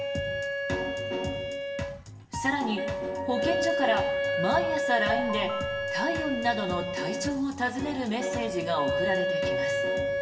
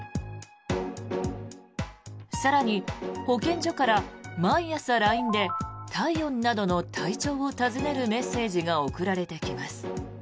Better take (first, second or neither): second